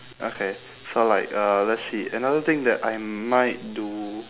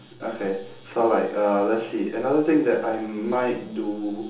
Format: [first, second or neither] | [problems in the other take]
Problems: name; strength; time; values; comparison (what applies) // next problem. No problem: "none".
first | room echo; dies away in 1.2 s